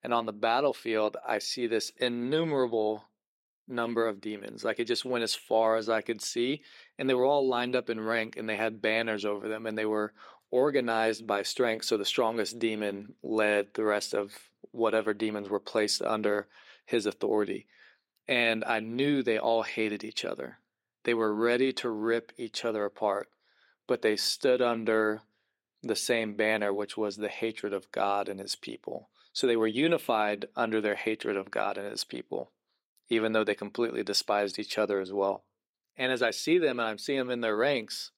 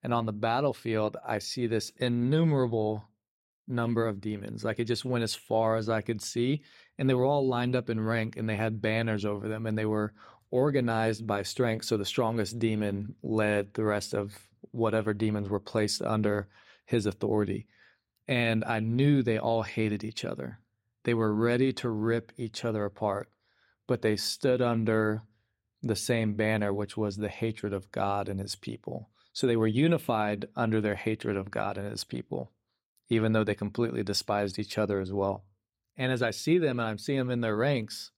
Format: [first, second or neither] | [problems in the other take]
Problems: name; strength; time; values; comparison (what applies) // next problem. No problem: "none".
second | thin; somewhat; fading below 350 Hz